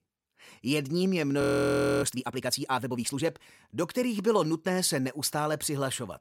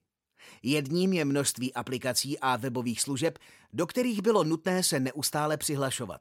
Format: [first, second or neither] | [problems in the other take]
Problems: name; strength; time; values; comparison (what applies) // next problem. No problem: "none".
second | audio freezing; at 1.5 s for 0.5 s